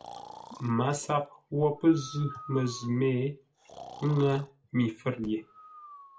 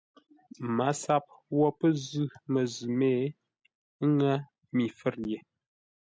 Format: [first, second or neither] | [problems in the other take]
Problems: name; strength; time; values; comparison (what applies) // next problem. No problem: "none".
second | background sound (Breathing); 18 dB below the speech // room echo; dies away in 0.2 s